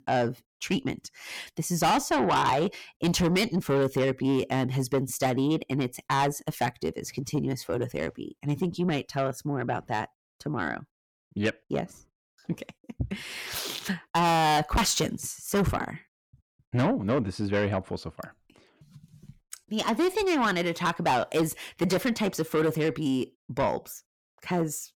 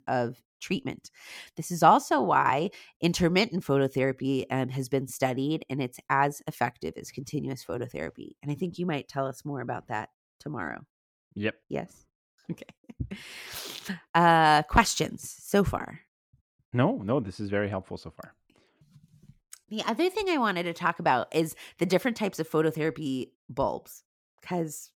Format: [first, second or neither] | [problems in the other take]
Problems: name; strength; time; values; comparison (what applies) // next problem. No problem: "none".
second | distortion; heavy; 6 dB below the speech